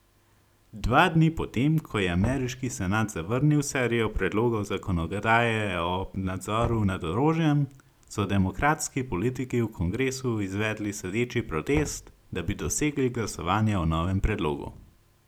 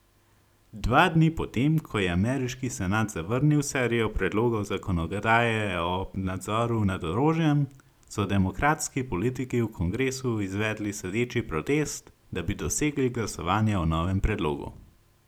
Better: second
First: background sound (Knock); 16 dB below the speech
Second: none

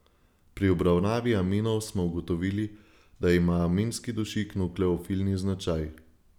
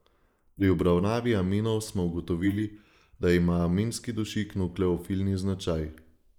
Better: first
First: none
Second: noise reduction (neural mask model Resemble Enhance denoiser)

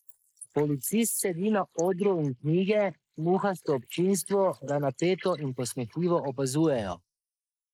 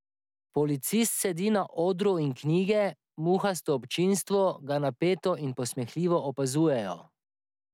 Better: second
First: noise reduction (neural mask model Resemble Enhance denoiser)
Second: none

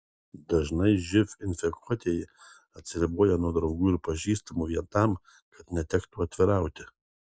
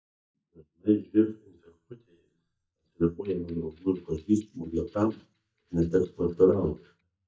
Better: first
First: none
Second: noise reduction (neural mask model DeepFilterNet 3)

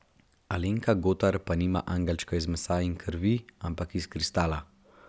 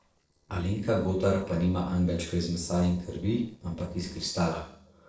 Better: first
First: none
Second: noise reduction (neural separator model SepFormer DNS4)

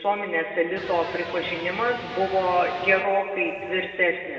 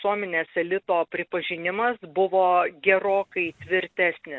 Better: second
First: background sound (Electric guitar); 15 dB below the speech // room echo; dies away in 2.3 s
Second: none

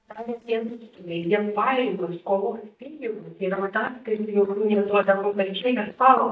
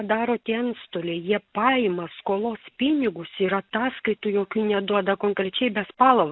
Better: second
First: noise reduction (neural mask model DeepFilterNet 3)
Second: none

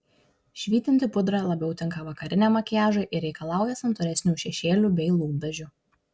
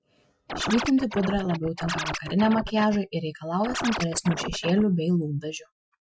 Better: first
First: none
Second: noise reduction (classical method Wiener filter)

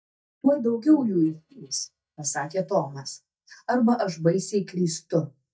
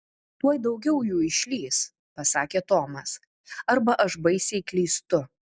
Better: second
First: noise reduction (neural mask model DeepFilterNet 3)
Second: none

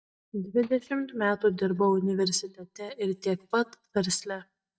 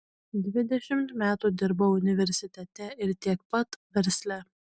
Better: second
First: noise reduction (neural mask model DeepFilterNet 3)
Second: none

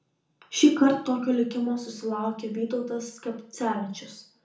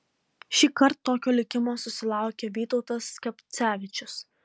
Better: second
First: room echo; dies away in 0.6 s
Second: none

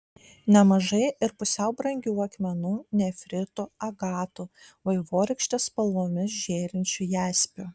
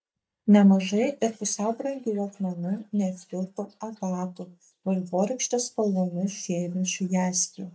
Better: first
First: none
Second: noise reduction (neural mask model DeepFilterNet 3)

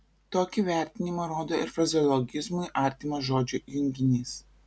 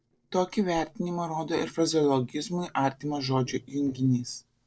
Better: first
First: none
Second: noise reduction (neural separator model SepFormer DNS4)

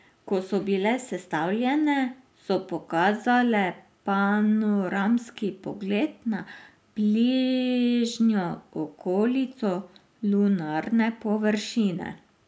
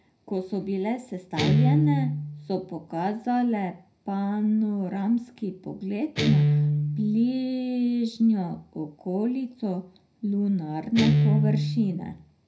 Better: first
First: none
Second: background sound (Guitar); 1 dB below the speech // room echo; dies away in 0.4 s

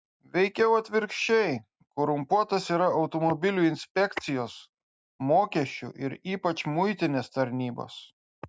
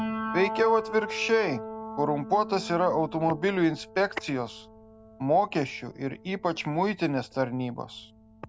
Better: first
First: none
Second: background sound (Piano); 11 dB below the speech

